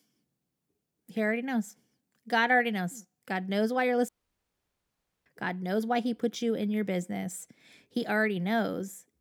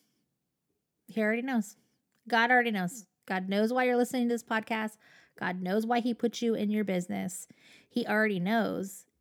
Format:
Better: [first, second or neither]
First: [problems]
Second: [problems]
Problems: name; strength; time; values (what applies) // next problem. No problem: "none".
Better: second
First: audio cutting out; at 4 s for 1 s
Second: none